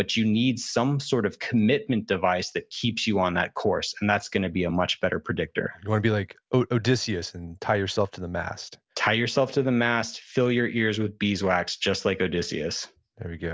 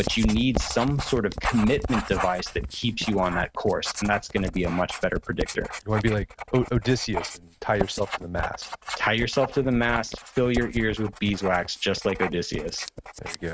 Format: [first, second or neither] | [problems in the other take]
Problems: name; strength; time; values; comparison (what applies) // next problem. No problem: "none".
first | noise reduction (neural mask model RNNoise)